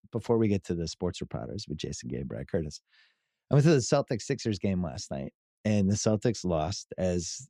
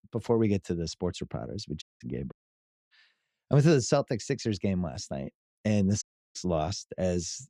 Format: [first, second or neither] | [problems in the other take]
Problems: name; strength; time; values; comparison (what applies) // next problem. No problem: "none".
first | audio cutting out; at 2 s, at 2.5 s for 0.5 s and at 6 s